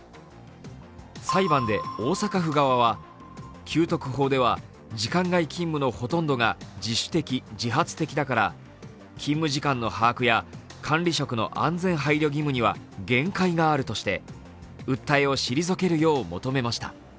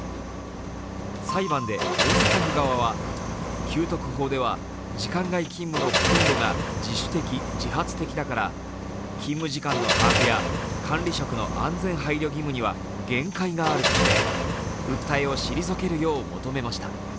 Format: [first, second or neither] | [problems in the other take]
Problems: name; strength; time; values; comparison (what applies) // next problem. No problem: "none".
first | background sound (Car); 1 dB above the speech